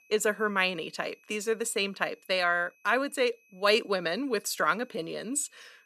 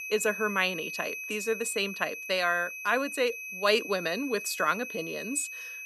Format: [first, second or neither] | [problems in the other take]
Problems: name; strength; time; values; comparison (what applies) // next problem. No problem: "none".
first | high-pitched whine; loud; throughout; 2.5 kHz, 7 dB below the speech; faint in the first